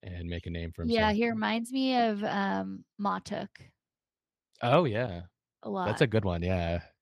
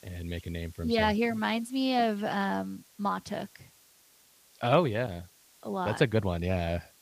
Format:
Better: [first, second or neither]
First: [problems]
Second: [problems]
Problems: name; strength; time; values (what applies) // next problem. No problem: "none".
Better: first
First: none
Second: hiss; faint; throughout; 25 dB below the speech